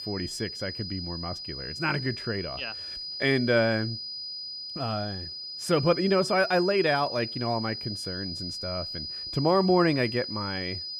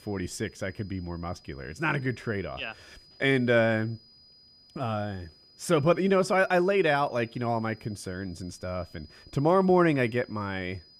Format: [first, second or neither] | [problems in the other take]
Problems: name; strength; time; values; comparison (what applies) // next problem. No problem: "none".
second | high-pitched whine; loud; throughout; 5 kHz, 6 dB below the speech; faint in the second